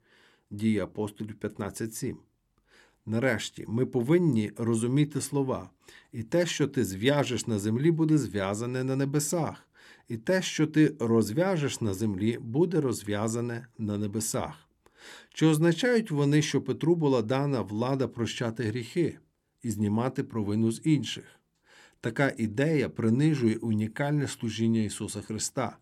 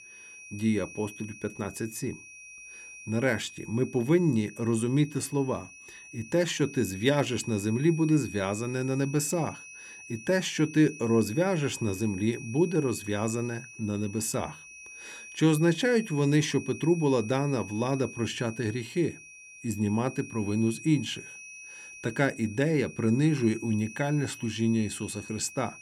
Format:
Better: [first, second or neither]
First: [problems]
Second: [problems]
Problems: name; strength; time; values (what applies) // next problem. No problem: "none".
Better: first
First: none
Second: high-pitched whine; noticeable; throughout; 2.5 kHz, 15 dB below the speech